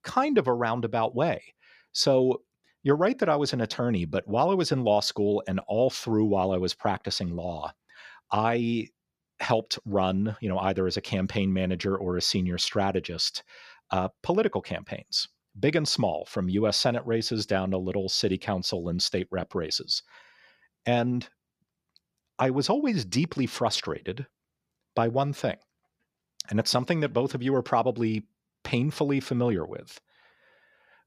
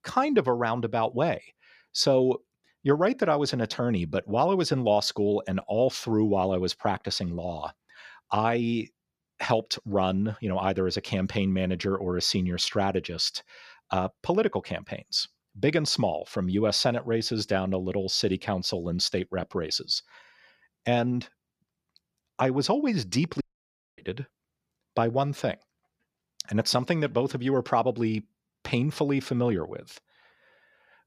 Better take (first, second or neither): first